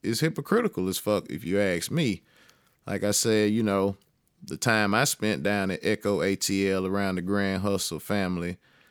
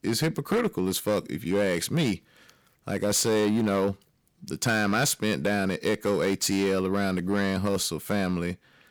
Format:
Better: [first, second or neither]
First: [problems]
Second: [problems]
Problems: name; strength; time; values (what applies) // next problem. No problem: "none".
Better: first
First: none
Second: distortion; slight; 8% of the sound clipped